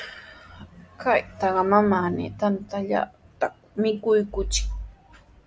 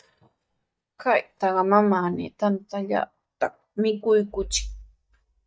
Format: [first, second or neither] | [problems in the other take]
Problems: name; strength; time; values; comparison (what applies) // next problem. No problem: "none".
first | noise reduction (neural mask model DeepFilterNet 3)